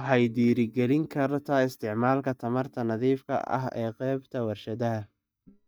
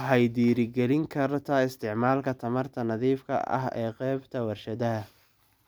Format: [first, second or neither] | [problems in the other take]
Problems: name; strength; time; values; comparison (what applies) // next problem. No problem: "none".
second | noise reduction (neural mask model DeepFilterNet 3)